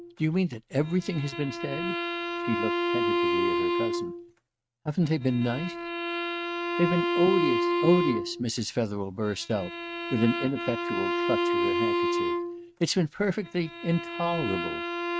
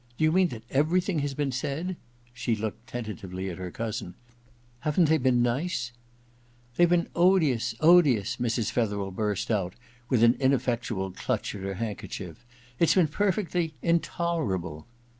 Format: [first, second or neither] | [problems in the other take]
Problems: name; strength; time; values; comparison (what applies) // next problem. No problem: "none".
second | noise reduction (neural mask model RNNoise)